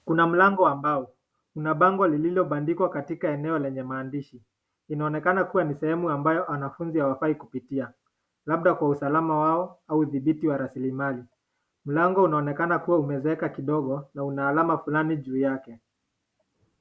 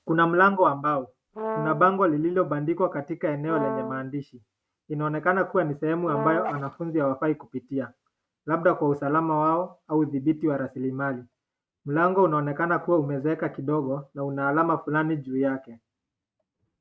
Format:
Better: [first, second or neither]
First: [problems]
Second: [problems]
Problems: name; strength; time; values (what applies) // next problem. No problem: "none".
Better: first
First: none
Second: noise reduction (neural mask model RNNoise)